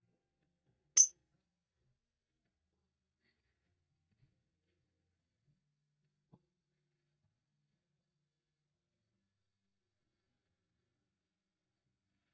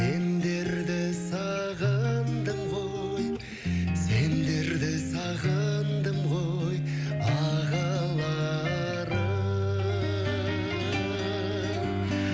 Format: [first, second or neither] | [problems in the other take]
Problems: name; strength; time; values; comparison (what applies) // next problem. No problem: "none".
second | noise reduction (neural mask model DeepFilterNet 3)